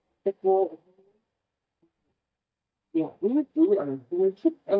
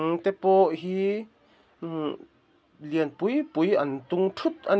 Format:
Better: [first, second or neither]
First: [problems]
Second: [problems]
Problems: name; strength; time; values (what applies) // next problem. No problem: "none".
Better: second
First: noise reduction (neural mask model DeepFilterNet 3)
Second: none